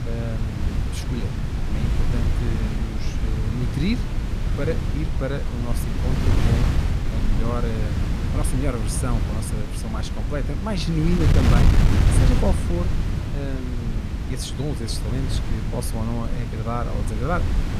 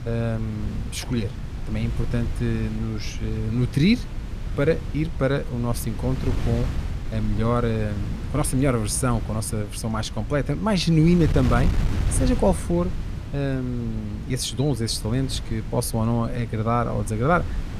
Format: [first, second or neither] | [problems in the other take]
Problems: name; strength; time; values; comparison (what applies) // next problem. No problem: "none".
second | wind noise on the microphone; heavy; 1 dB below the speech; occasional gusts in the second